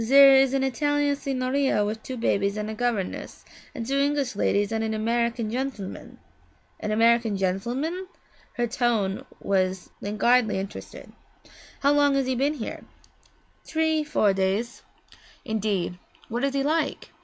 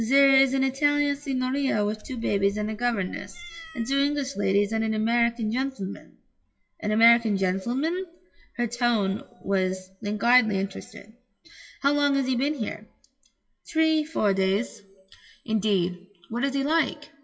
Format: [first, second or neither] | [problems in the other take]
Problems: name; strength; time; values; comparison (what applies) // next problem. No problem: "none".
first | noise reduction (classical method WPE with log-MMSE)